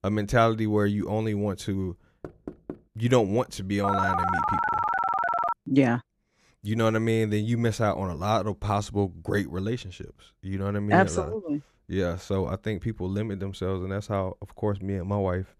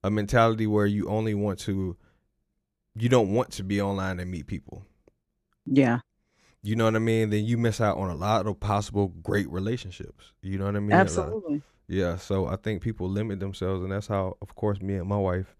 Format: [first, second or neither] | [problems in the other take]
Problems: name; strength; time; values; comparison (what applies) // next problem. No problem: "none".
second | door banging; faint; at 2 s; peak 15 dB below the speech // phone ringing; loud; from 4 to 5.5 s; peak 2 dB above the speech